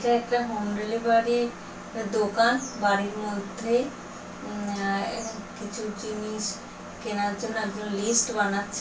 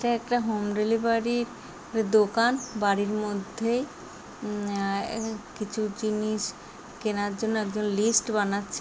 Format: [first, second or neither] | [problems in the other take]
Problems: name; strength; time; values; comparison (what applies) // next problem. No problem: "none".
second | background sound (Engine); 16 dB below the speech // room echo; dies away in 0.3 s